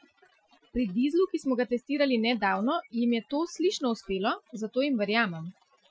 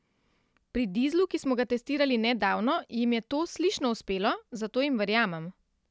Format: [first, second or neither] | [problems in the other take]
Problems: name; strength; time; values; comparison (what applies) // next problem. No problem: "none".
second | noise reduction (classical method Wiener filter)